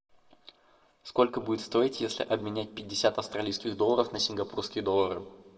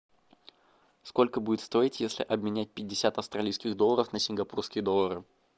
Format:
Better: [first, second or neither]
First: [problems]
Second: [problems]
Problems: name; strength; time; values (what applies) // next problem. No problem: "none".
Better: second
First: room echo; dies away in 0.7 s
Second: none